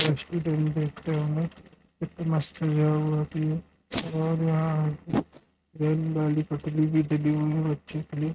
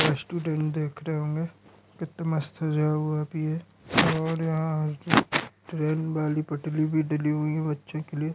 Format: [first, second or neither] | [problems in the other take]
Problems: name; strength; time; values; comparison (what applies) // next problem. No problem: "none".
second | noise reduction (neural mask model RNNoise)